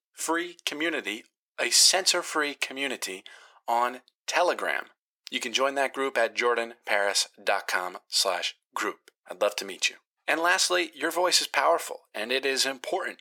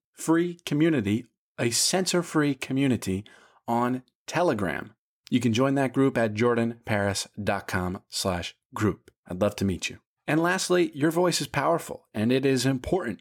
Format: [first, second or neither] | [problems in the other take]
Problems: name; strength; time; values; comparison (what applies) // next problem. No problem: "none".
second | thin; very; fading below 500 Hz